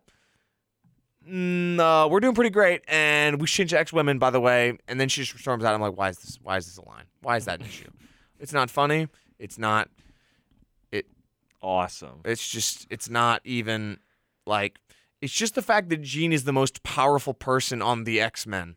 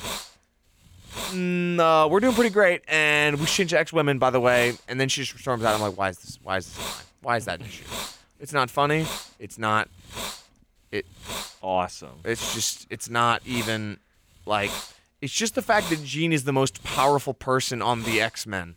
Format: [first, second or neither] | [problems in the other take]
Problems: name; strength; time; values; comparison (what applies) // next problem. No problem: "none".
first | hiss; noticeable; throughout; 10 dB below the speech